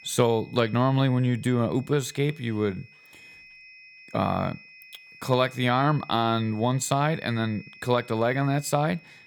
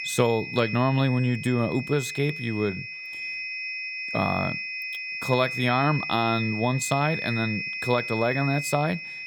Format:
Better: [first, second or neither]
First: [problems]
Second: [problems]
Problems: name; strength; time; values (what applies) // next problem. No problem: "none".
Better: first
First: high-pitched whine; faint; throughout; 2.5 kHz, 20 dB below the speech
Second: high-pitched whine; loud; throughout; 2.5 kHz, 5 dB below the speech